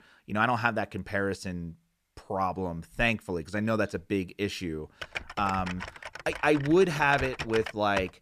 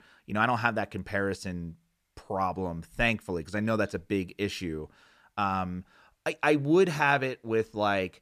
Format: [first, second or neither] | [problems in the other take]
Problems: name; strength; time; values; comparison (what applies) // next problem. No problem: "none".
second | keyboard typing; noticeable; from 5 s on; peak 7 dB below the speech